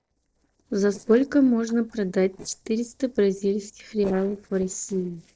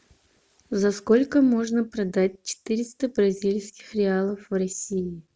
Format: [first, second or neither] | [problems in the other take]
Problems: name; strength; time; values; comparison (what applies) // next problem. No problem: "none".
second | noise reduction (neural separator model SepFormer DNS4)